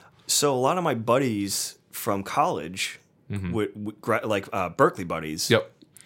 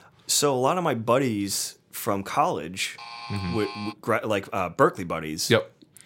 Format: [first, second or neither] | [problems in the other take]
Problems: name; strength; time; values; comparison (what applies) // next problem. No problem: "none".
first | alarm; faint; at 3 s; peak 10 dB below the speech